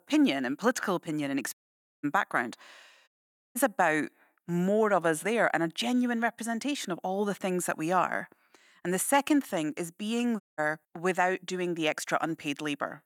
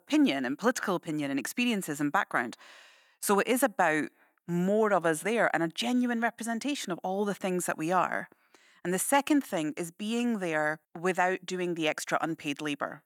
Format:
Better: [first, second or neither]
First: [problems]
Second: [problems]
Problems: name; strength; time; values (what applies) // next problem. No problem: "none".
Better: second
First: audio cutting out; at 1.5 s, at 3 s and at 10 s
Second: none